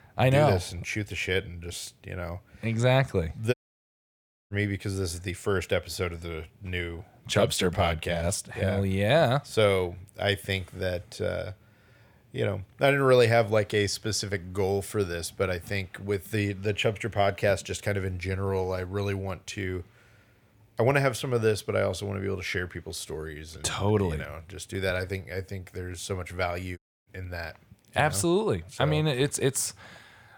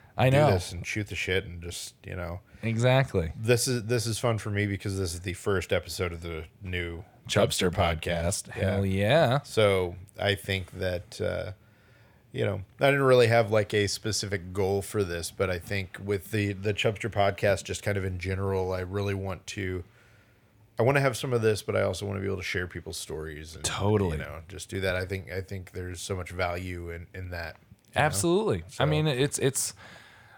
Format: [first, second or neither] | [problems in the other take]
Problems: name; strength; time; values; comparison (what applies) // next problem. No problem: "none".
second | audio cutting out; at 3.5 s for 1 s and at 27 s